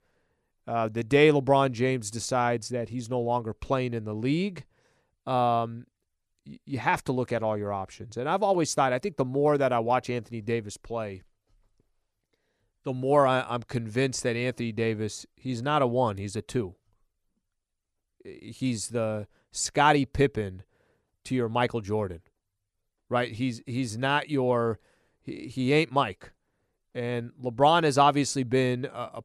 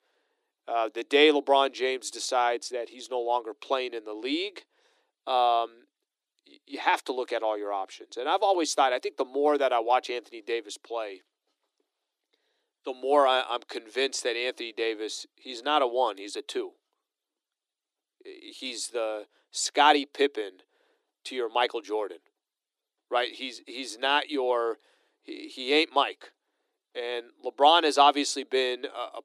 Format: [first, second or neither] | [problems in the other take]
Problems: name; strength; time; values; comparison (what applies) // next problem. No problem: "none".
first | thin; somewhat; fading below 300 Hz